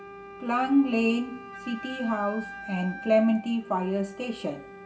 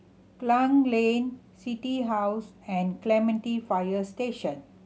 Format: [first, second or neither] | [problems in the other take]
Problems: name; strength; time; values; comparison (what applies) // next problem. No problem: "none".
second | background sound (Wind instrument, woodwind instrument); 15 dB below the speech // room echo; dies away in 0.5 s